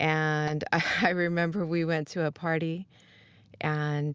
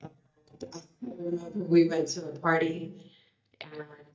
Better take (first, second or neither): first